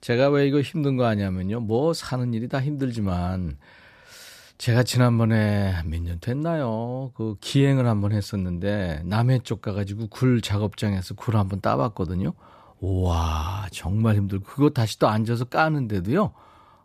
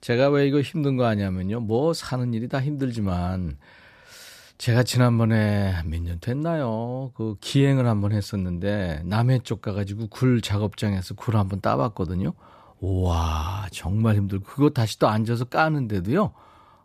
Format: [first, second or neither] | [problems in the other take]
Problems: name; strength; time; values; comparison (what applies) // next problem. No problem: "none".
neither | none